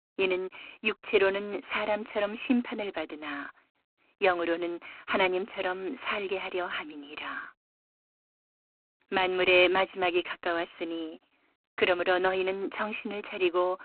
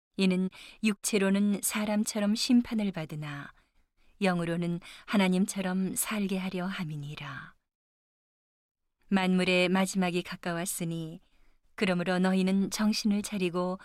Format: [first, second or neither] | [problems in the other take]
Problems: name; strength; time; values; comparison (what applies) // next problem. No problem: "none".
second | phone-call audio; poor line